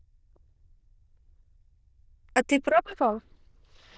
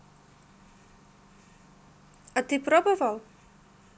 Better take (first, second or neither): second